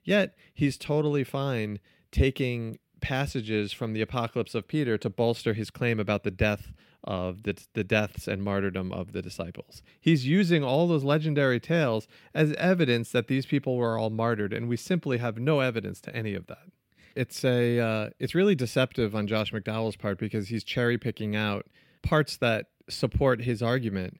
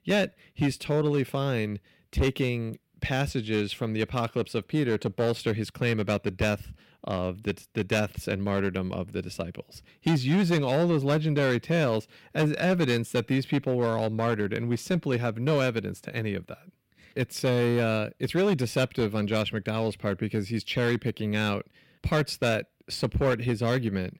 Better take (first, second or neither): first